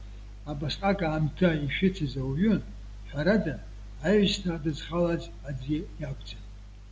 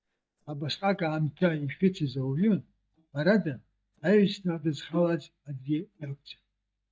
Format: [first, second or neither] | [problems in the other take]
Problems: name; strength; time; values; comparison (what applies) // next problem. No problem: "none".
first | noise reduction (neural mask model DeepFilterNet 3)